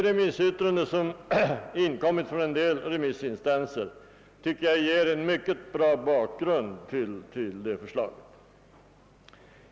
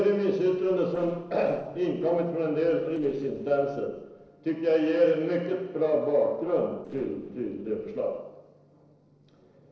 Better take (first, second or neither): first